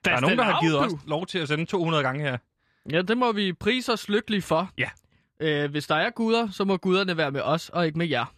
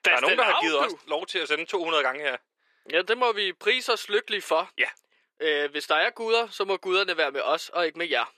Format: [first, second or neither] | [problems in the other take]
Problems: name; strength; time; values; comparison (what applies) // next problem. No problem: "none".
first | thin; very; fading below 400 Hz